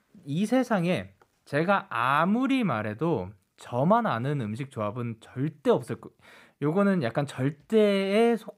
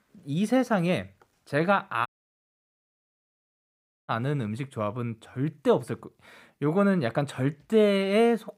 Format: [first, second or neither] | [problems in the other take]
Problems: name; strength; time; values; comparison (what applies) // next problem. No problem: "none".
first | audio cutting out; at 2 s for 2 s